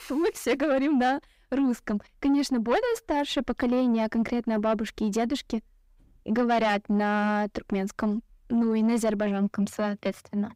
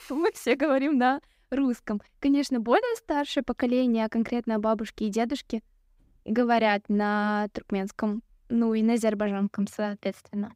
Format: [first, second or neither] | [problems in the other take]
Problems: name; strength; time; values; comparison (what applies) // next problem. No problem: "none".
second | distortion; slight; 10 dB below the speech